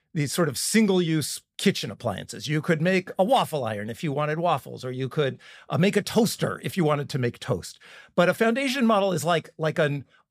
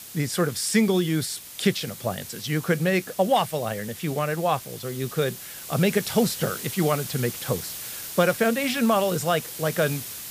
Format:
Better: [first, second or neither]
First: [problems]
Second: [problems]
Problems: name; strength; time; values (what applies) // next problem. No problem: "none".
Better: first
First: none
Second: hiss; noticeable; throughout; 10 dB below the speech